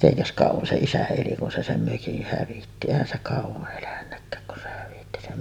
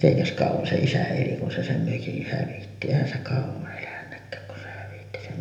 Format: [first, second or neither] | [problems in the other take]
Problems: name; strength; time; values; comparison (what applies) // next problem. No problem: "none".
first | room echo; dies away in 0.6 s